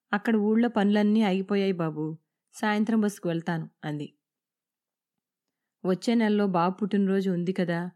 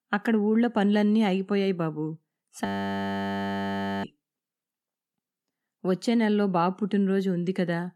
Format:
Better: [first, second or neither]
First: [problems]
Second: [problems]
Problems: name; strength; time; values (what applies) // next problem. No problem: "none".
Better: first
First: none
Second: audio freezing; at 2.5 s for 1.5 s